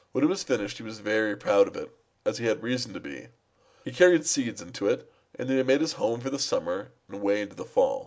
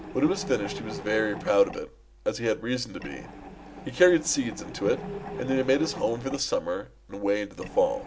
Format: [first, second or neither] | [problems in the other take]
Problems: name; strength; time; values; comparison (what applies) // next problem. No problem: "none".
first | background sound (Mechanisms); 12 dB below the speech